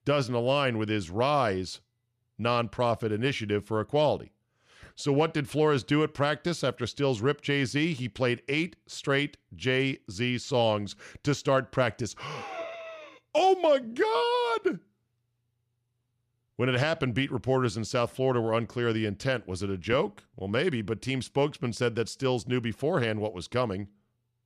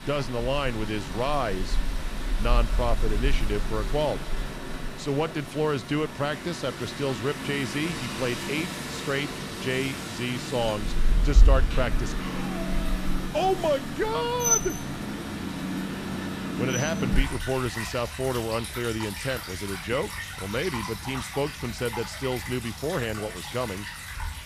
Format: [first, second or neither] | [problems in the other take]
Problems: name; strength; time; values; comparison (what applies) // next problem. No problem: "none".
first | rain or running water; loud; throughout; 2 dB below the speech